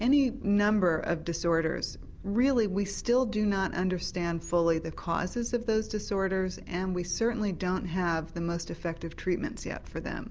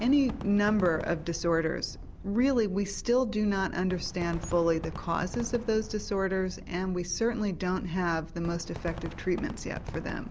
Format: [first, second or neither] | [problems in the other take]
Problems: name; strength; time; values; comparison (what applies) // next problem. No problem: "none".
first | background sound (Fireworks); 15 dB below the speech